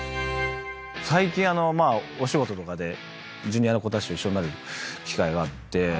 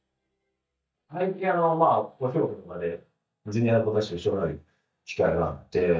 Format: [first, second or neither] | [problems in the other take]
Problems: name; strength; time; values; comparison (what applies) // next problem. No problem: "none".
first | noise reduction (neural mask model DeepFilterNet 3)